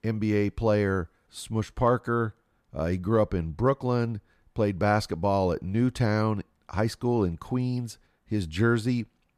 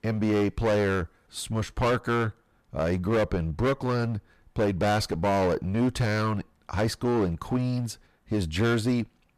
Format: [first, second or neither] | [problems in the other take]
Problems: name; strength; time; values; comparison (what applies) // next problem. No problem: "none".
first | distortion; heavy; 15% of the sound clipped